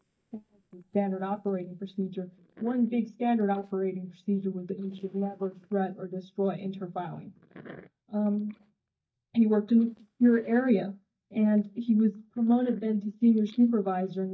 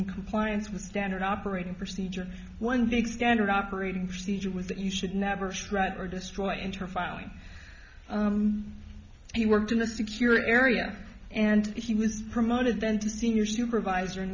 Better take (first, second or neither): second